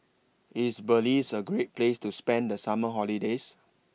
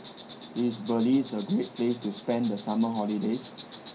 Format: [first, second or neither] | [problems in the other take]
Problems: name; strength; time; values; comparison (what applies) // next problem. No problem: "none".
first | background sound (Insect); 16 dB below the speech // room echo; dies away in 0.3 s